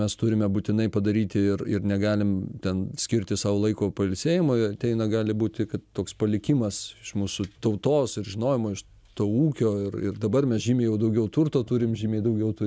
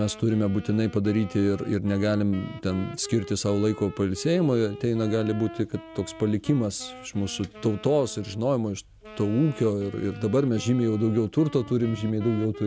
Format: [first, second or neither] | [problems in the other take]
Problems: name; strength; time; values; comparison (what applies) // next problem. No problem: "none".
first | background sound (Wind instrument, woodwind instrument); 18 dB below the speech